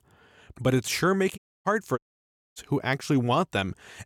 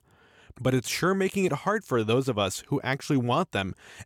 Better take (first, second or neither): second